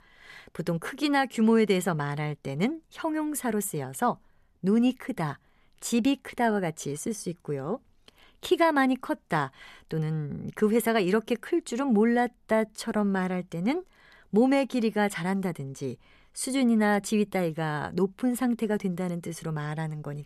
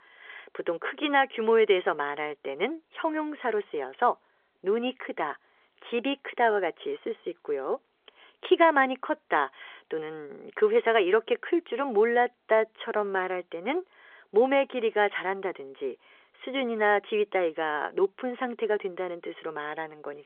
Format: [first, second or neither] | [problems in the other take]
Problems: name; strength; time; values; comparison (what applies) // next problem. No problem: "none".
first | phone-call audio; nothing above 3.5 kHz